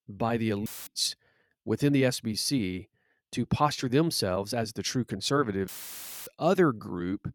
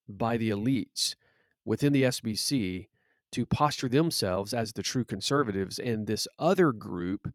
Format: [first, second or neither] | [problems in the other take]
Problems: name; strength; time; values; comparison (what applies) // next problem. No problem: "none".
second | audio cutting out; filled with static; at 0.5 s and at 5.5 s for 0.5 s